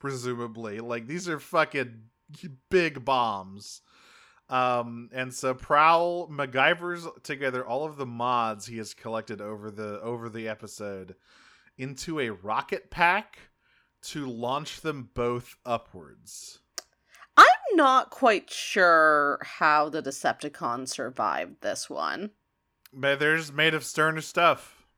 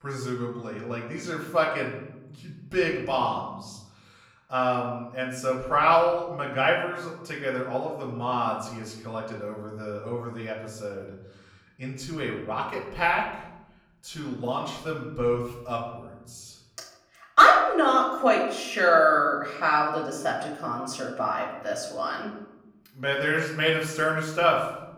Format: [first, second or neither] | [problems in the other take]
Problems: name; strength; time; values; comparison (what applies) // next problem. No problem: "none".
first | off-mic speech; far // room echo; slight; dies away in 1 s